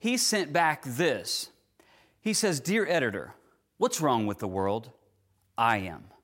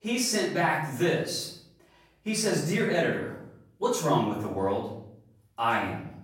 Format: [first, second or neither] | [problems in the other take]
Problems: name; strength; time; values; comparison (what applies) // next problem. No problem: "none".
first | room echo; noticeable; dies away in 0.6 s // off-mic speech; far